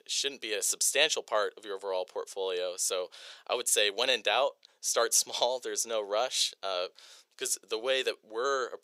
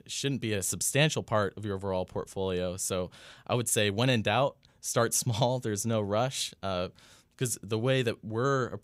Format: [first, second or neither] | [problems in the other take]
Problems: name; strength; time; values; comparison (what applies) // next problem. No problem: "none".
second | thin; very; fading below 450 Hz